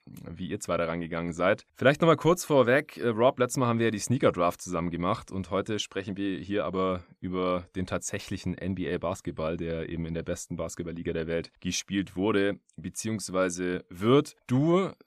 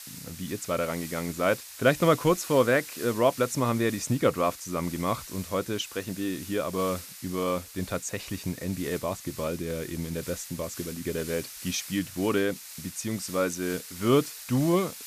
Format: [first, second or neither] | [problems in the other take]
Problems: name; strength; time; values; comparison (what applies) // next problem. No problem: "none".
first | hiss; noticeable; throughout; 10 dB below the speech